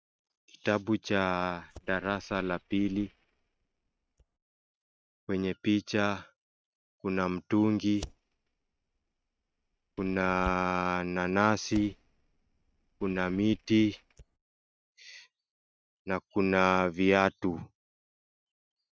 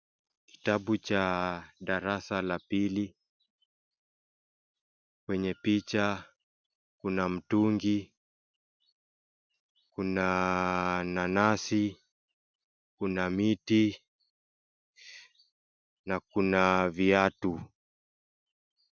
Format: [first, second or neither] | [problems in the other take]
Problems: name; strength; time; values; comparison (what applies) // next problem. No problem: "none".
second | noise reduction (neural mask model RNNoise)